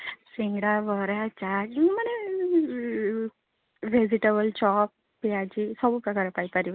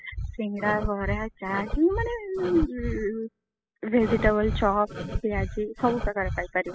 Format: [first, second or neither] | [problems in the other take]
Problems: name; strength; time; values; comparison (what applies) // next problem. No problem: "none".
first | noise reduction (classical method spectral subtraction)